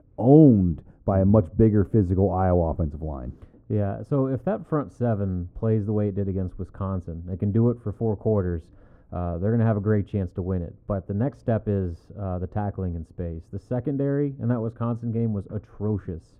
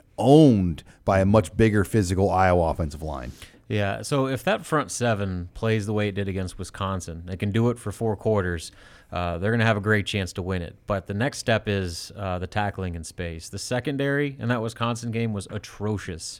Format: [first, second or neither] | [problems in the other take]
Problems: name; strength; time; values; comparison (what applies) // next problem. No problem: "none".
second | muffled; very; fading above 1.5 kHz